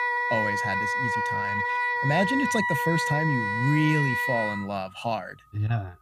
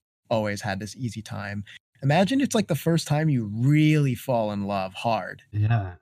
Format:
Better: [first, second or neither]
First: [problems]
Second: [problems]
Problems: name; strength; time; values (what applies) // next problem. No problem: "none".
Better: second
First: background music; very loud; throughout; 3 dB above the speech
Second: none